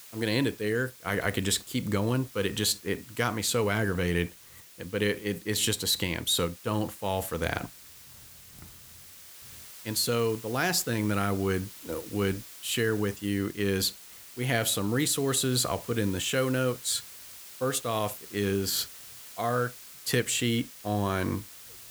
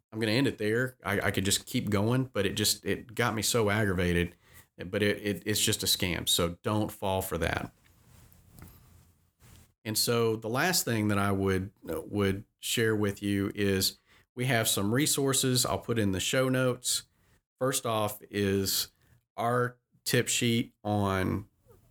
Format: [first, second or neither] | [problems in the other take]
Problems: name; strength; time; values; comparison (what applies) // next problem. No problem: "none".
second | hiss; noticeable; throughout; 15 dB below the speech